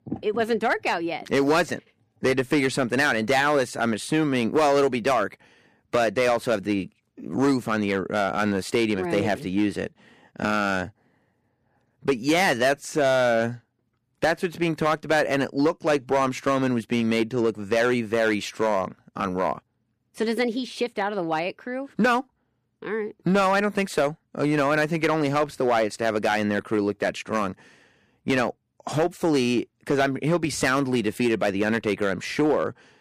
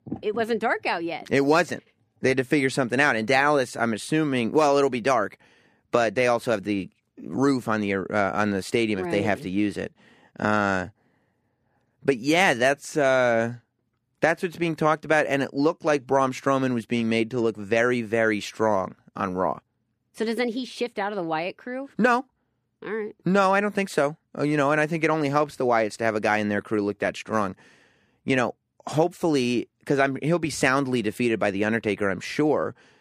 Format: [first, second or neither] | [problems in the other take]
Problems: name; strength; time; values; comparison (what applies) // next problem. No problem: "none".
second | distortion; slight; 4% of the sound clipped